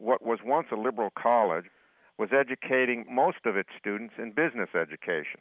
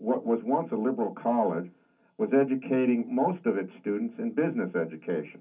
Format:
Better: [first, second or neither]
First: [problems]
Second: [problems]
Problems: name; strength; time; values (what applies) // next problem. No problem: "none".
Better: first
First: none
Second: room echo; dies away in 0.3 s